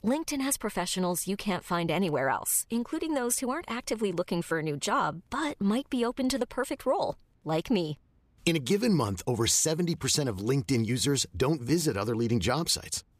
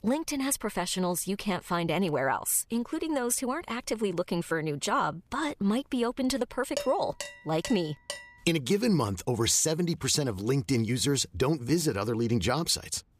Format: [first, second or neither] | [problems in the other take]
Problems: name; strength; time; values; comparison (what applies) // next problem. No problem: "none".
first | clattering dishes; noticeable; from 7 to 8 s; peak 8 dB below the speech